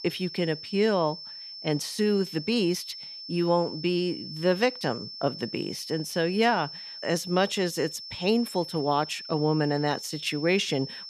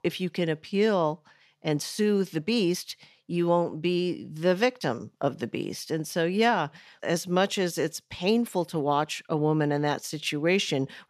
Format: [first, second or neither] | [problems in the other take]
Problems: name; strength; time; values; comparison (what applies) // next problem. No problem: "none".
second | high-pitched whine; noticeable; throughout; 5.5 kHz, 10 dB below the speech